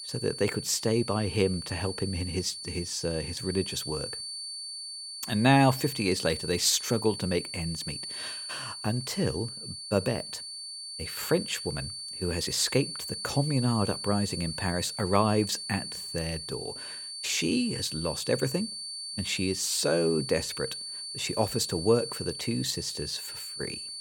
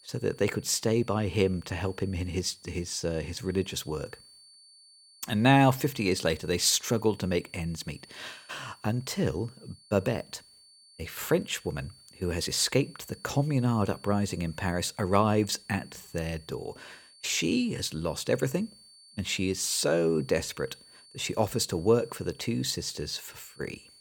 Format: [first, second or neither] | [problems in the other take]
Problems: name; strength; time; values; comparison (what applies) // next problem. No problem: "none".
second | high-pitched whine; loud; throughout; 4.5 kHz, 7 dB below the speech; faint in the second